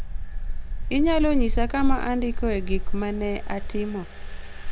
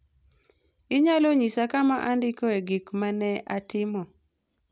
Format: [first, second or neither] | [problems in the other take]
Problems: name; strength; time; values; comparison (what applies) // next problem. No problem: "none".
second | background sound (Engine); 2 dB above the speech